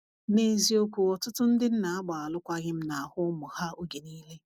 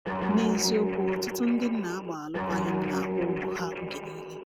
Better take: first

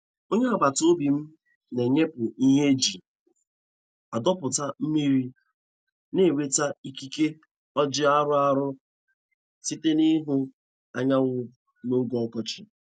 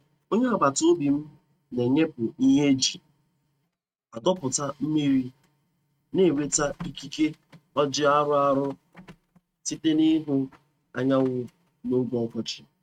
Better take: first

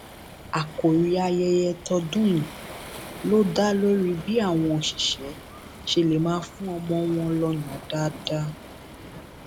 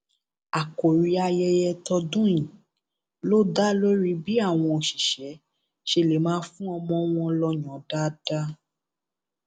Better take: second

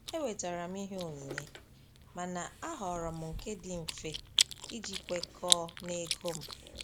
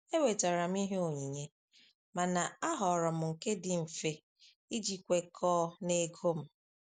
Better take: second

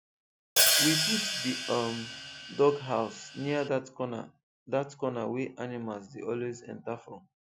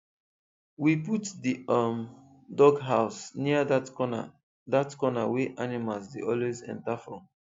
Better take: second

